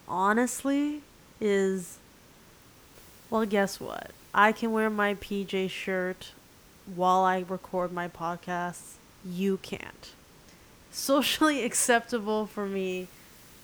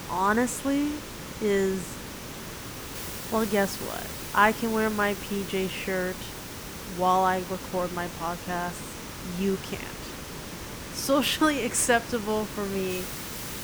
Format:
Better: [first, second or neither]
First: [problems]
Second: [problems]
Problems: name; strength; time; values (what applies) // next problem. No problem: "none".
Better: first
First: hiss; faint; throughout; 25 dB below the speech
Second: hiss; loud; throughout; 9 dB below the speech